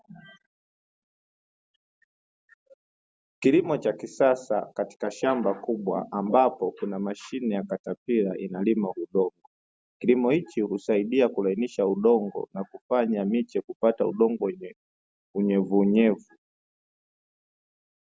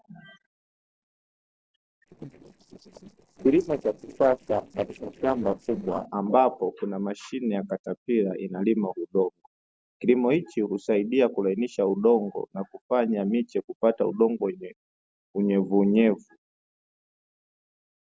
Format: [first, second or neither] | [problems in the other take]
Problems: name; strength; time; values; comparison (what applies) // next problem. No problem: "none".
first | noise reduction (neural separator model SepFormer DNS4)